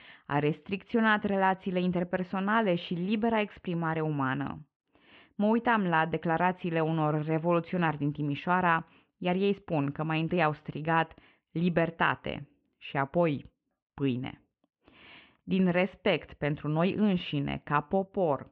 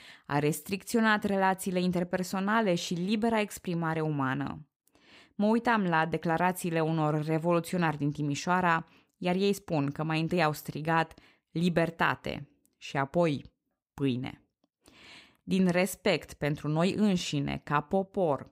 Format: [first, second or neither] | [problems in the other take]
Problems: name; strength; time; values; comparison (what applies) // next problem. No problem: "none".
second | muffled; very; fading above 3 kHz